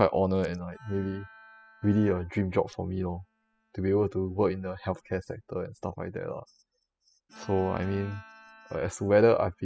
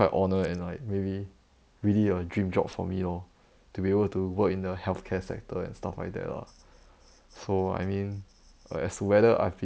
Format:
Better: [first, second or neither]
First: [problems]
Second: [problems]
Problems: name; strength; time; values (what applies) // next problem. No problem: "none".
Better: second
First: noise reduction (classical method spectral subtraction)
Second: none